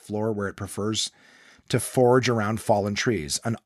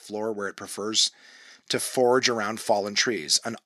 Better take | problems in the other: first | thin; very slightly; fading below 250 Hz

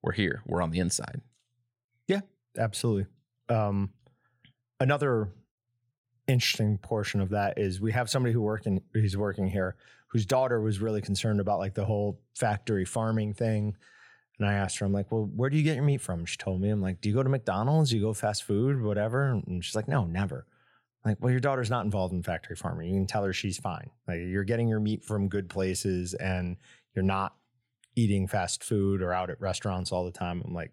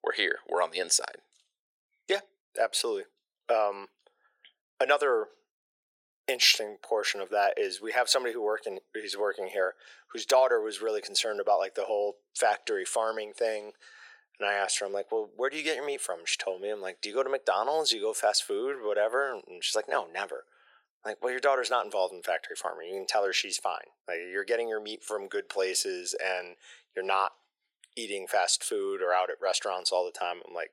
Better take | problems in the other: first | thin; very; fading below 400 Hz

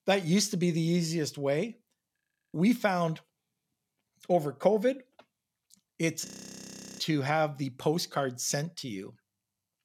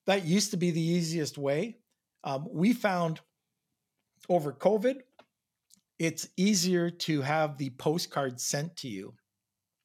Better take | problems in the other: second | audio freezing; at 2 s and at 6.5 s for 0.5 s

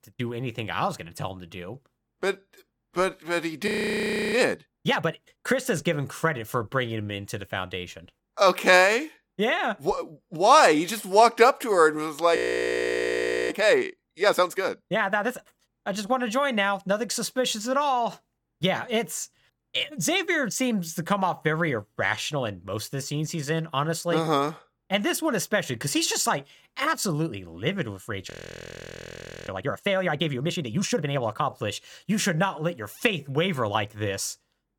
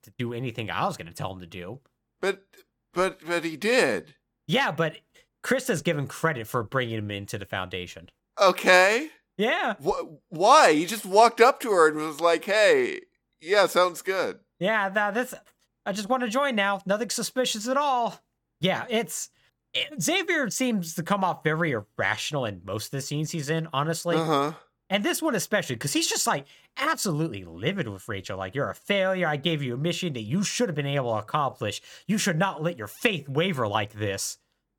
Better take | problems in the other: second | audio freezing; at 3.5 s for 0.5 s, at 12 s for 1 s and at 28 s for 1 s

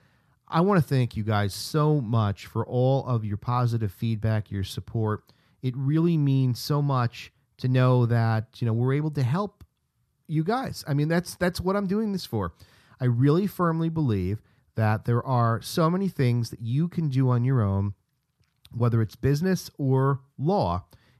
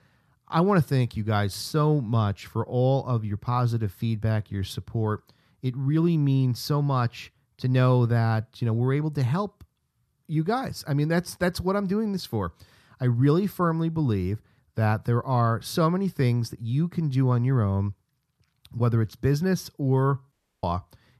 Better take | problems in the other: first | audio cutting out; at 20 s

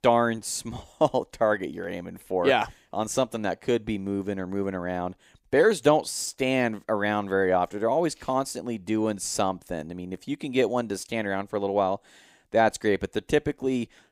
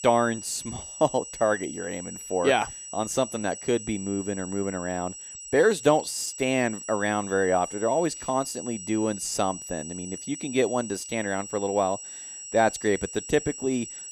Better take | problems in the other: first | high-pitched whine; noticeable; throughout; 8 kHz, 10 dB below the speech

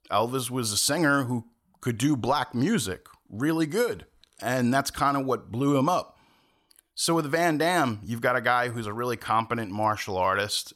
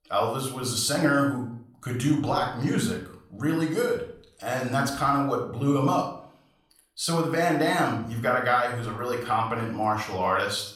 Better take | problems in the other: first | room echo; slight; dies away in 0.5 s // off-mic speech; somewhat distant

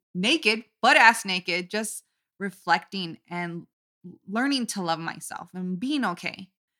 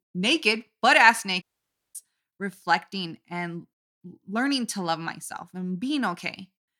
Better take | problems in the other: first | audio cutting out; at 1.5 s for 0.5 s

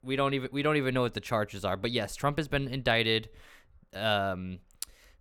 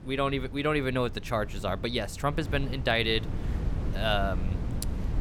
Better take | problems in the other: first | wind noise on the microphone; occasional gusts; 15 dB below the speech

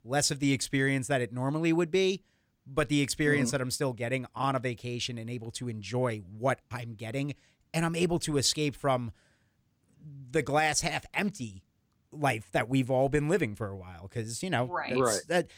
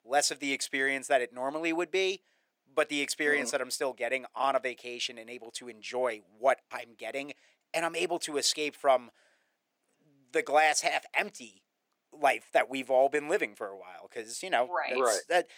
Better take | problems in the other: first | thin; very; fading below 350 Hz

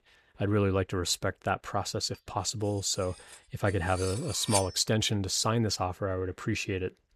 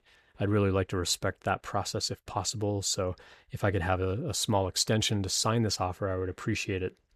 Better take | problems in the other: second | clattering dishes; noticeable; at 4 s; peak 2 dB below the speech

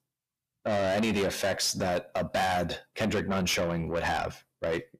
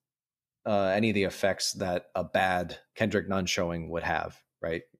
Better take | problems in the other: second | distortion; heavy; 6 dB below the speech

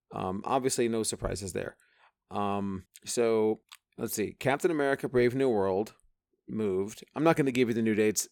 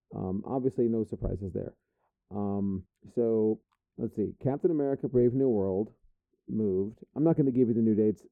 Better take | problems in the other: first | muffled; very; fading above 1 kHz

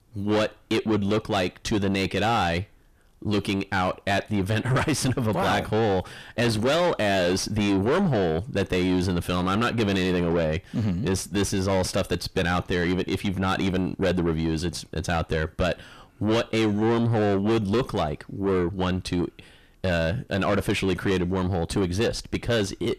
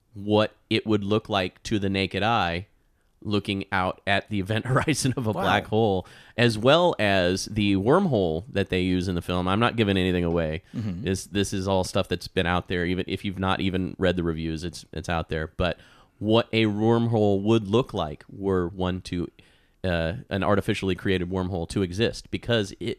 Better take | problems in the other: second | distortion; heavy; 5 dB below the speech

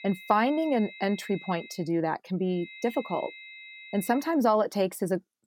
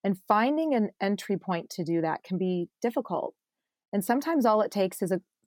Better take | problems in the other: second | high-pitched whine; noticeable; until 2 s and from 2.5 to 4.5 s; 2 kHz, 15 dB below the speech

